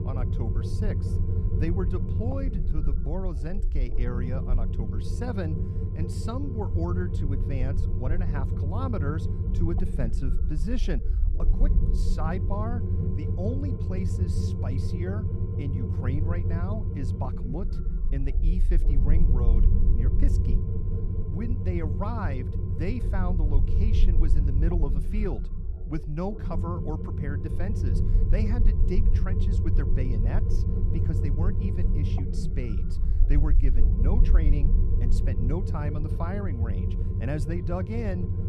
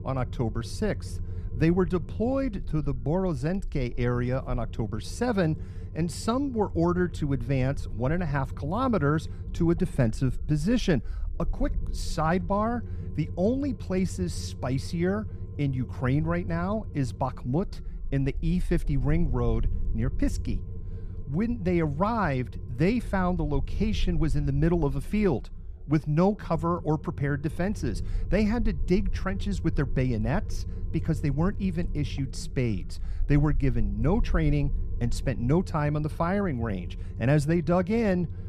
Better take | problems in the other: second | low rumble; loud; throughout; 3 dB below the speech; faint in the second

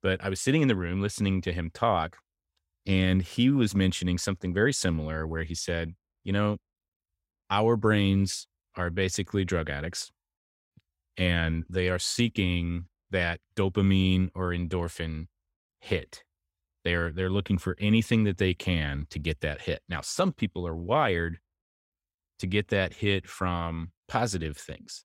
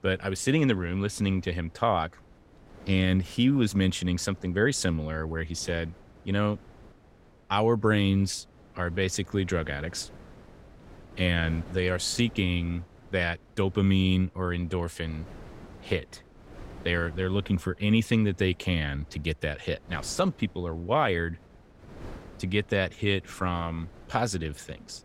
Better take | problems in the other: first | wind noise on the microphone; occasional gusts; 25 dB below the speech

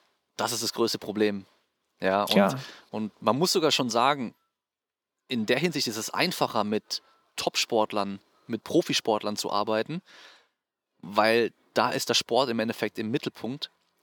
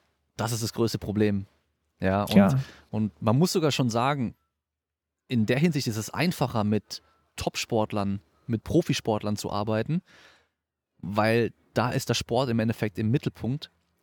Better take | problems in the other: second | thin; somewhat; fading below 300 Hz

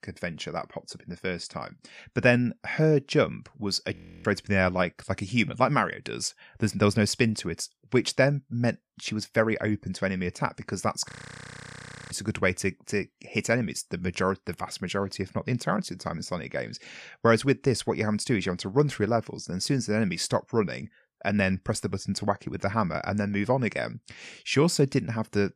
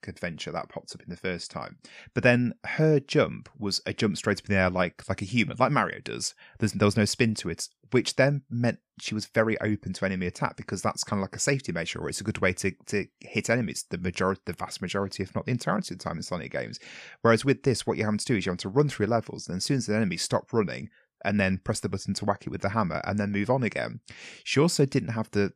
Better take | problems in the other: second | audio freezing; at 4 s and at 11 s for 1 s

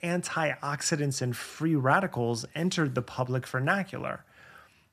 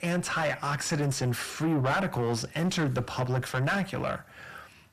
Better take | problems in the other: first | distortion; heavy; 6 dB below the speech

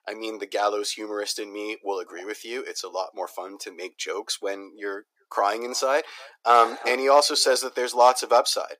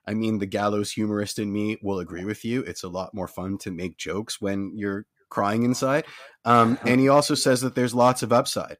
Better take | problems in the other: second | thin; very; fading below 350 Hz

